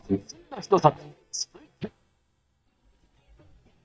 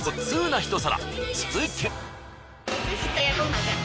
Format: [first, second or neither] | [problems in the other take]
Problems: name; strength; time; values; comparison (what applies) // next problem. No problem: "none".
second | noise reduction (neural mask model DeepFilterNet 3)